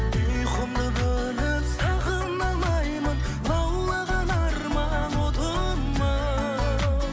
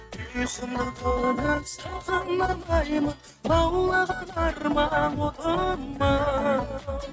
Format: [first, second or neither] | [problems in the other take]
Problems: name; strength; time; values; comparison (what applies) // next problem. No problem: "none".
first | noise reduction (neural mask model RNNoise)